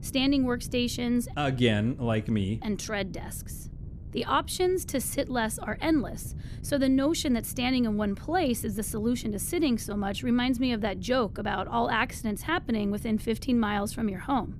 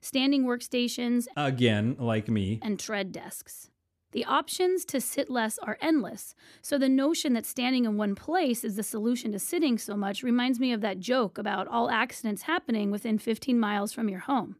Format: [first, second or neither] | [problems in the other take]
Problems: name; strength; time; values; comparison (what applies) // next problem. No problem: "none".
second | wind noise on the microphone; occasional gusts; 25 dB below the speech